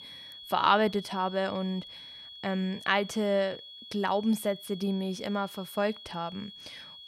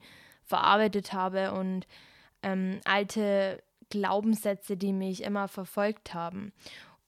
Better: second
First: high-pitched whine; noticeable; throughout; 3.5 kHz, 15 dB below the speech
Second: none

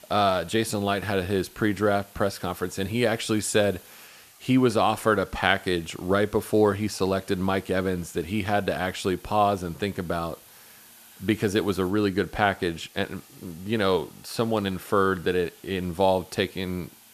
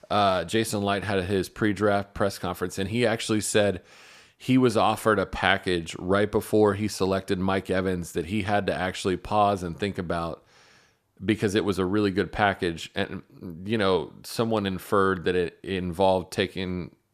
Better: second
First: hiss; faint; throughout; 25 dB below the speech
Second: none

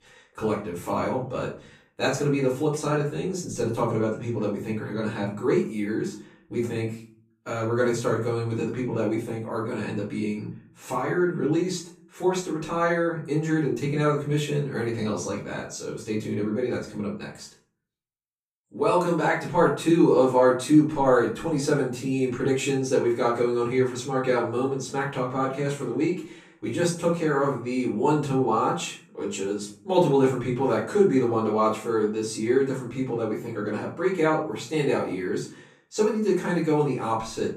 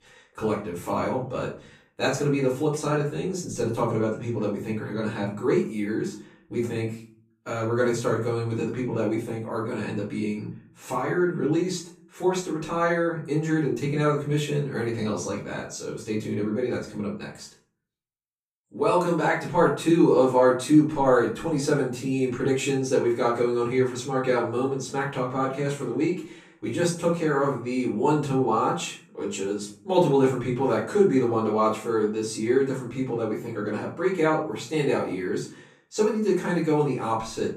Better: neither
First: off-mic speech; far // room echo; slight; dies away in 0.4 s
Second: off-mic speech; far // room echo; slight; dies away in 0.4 s

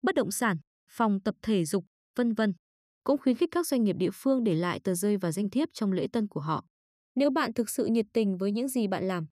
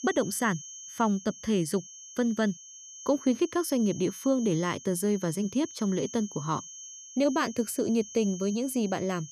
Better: first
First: none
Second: high-pitched whine; noticeable; throughout; 6.5 kHz, 15 dB below the speech

